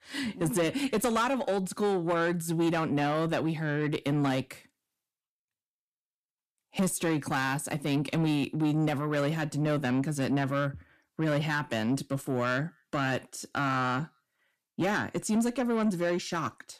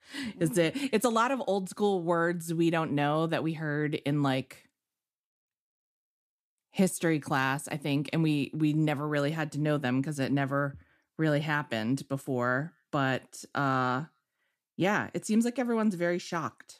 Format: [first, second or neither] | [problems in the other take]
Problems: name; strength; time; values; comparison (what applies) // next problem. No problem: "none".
second | distortion; slight; 10 dB below the speech